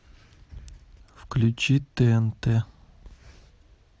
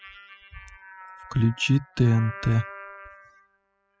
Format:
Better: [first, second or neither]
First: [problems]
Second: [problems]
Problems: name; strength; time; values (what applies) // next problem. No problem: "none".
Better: first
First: none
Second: noise reduction (classical method spectral subtraction)